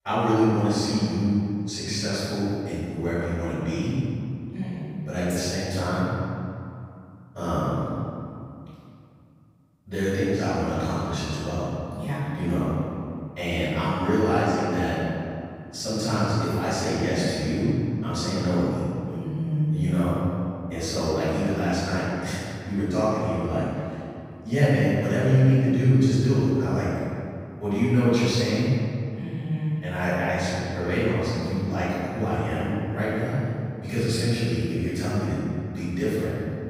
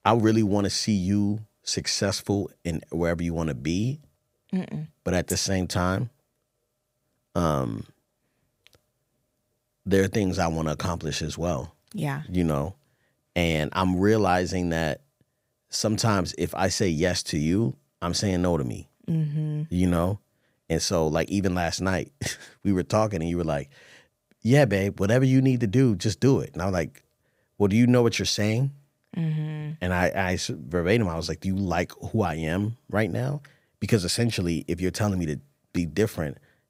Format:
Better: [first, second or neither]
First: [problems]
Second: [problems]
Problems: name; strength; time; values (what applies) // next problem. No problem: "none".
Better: second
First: room echo; strong; dies away in 2.3 s // off-mic speech; far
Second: none